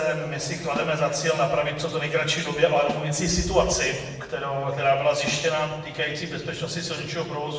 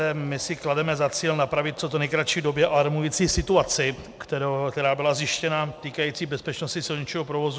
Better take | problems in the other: second | background sound (Snare drum); 18 dB below the speech // room echo; dies away in 1 s

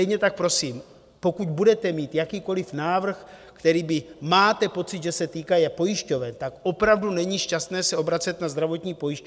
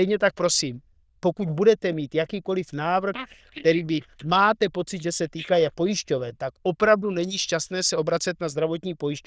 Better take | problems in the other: first | noise reduction (neural diffusion model UNIVERSE++)

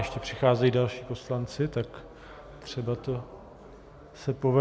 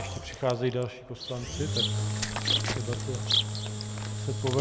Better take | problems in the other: first | background sound (Engine / Drill + Insect); 3 dB above the speech

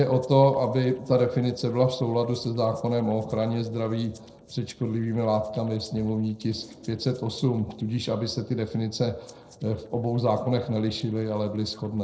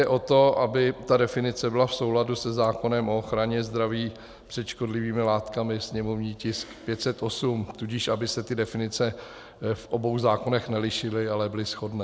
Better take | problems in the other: second | noise reduction (neural separator model SepFormer DNS4)

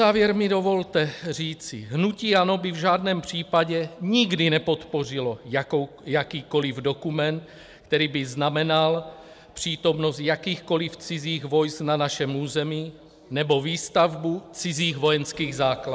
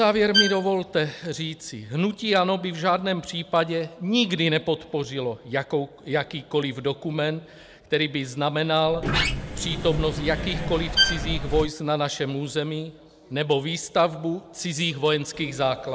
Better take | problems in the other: first | background sound (Bowed string instrument + Sliding door); 1 dB below the speech

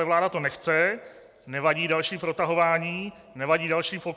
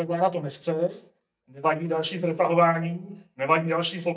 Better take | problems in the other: first | noise reduction (neural mask model DeepFilterNet 3)

